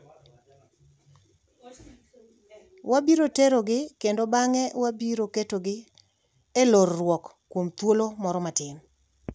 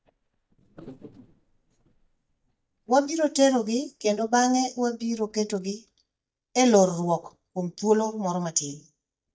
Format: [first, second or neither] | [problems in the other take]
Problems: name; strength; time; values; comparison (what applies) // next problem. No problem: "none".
first | noise reduction (neural mask model DeepFilterNet 3)